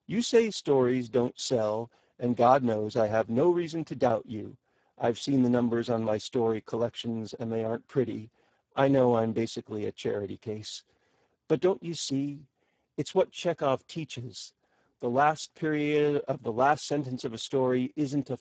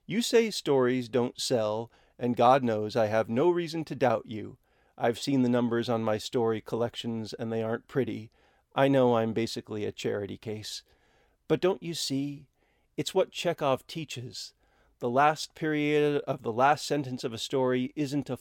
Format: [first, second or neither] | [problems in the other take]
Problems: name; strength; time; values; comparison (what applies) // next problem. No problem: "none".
second | garbled, watery; badly; nothing above 7.5 kHz